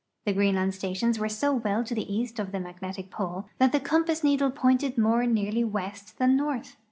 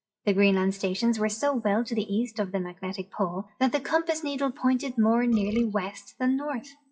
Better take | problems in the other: first | noise reduction (classical method WPE with log-MMSE)

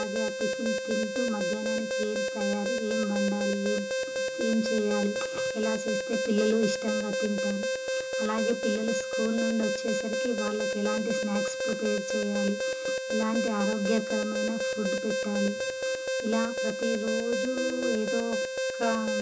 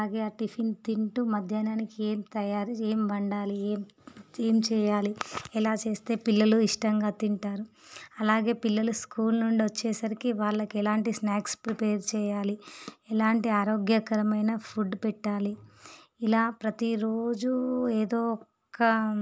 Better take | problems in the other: second | background sound (Alarm); 1 dB above the speech // room echo; dies away in 0.2 s

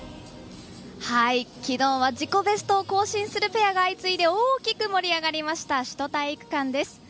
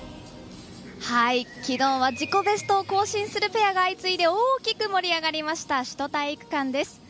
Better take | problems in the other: first | background sound (Bird); 19 dB below the speech

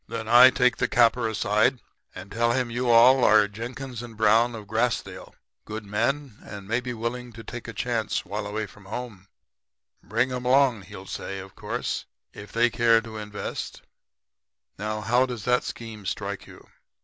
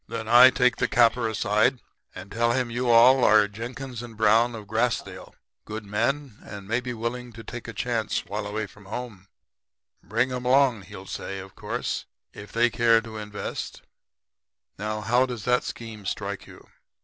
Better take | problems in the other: first | noise reduction (neural separator model SepFormer DNS4)

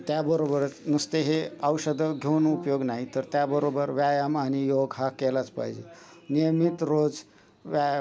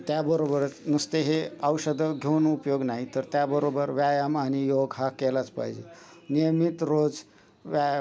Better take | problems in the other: second | background sound (Brass instrument); 17 dB below the speech

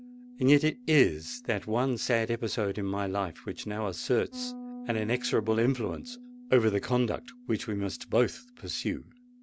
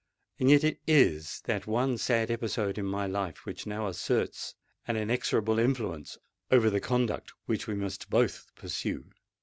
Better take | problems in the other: second | background sound (Bass guitar); 18 dB below the speech

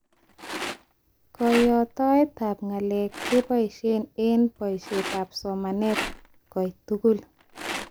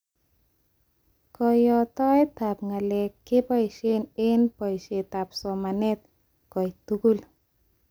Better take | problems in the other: second | background sound (Rattle); 12 dB below the speech

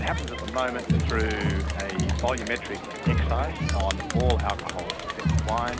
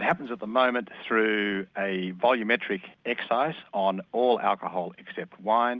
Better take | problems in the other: second | background sound (Crowd); 4 dB above the speech

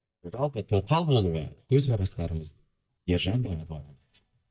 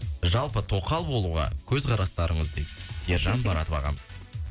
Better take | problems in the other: second | noise reduction (neural mask model DeepFilterNet 3)

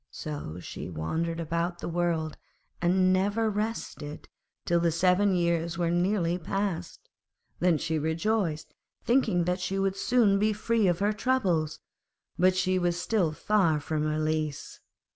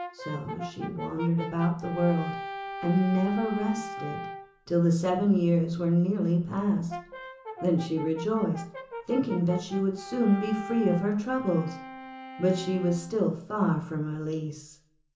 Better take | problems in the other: first | background sound (Brass instrument); 13 dB below the speech // room echo; dies away in 0.8 s

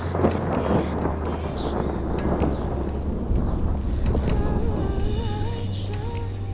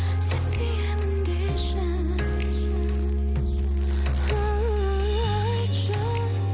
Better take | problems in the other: second | background sound (Thunder); 5 dB above the speech

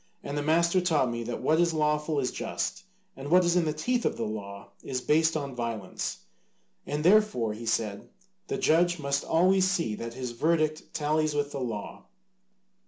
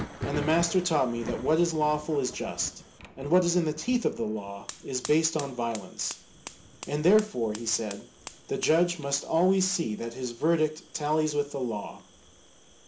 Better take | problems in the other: first | background sound (Thunder + Fire); 15 dB below the speech

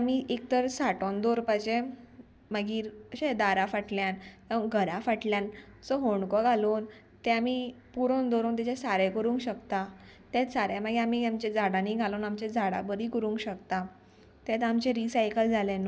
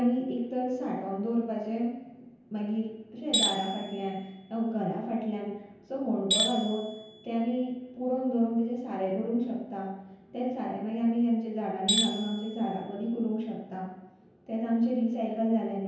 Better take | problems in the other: first | background sound (Tools); 5 dB below the speech // room echo; dies away in 0.9 s

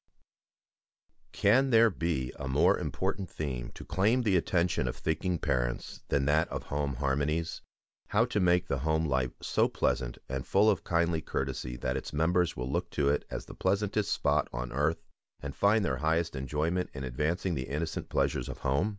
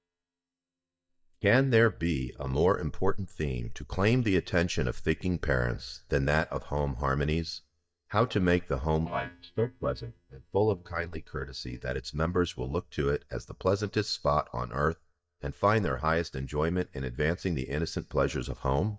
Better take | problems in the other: first | noise reduction (neural mask model DeepFilterNet 3)

